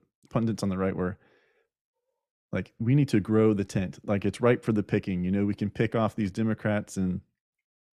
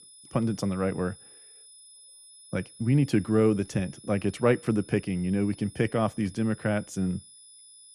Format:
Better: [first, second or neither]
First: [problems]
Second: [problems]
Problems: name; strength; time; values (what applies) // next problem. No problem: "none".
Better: first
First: none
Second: high-pitched whine; faint; throughout; 10 kHz, 20 dB below the speech